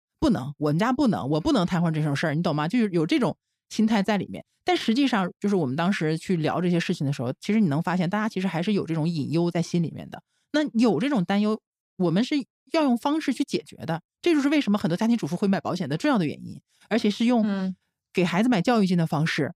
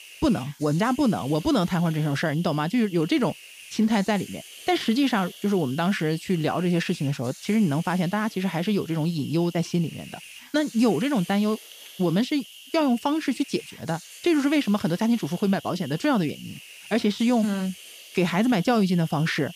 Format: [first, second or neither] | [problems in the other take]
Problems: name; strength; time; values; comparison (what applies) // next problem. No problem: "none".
first | hiss; noticeable; throughout; 20 dB below the speech